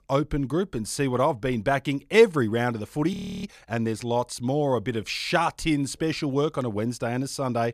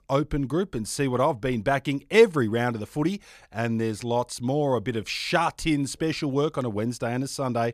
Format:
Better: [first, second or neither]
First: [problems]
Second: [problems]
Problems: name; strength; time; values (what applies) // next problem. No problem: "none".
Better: second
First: audio freezing; at 3 s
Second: none